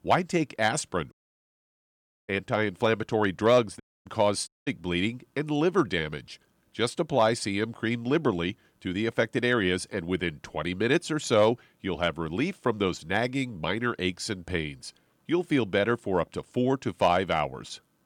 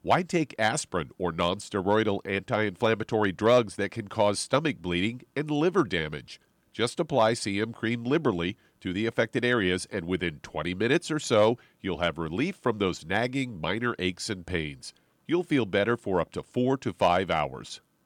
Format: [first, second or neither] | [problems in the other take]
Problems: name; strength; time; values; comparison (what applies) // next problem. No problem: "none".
second | audio cutting out; at 1 s for 1 s, at 4 s and at 4.5 s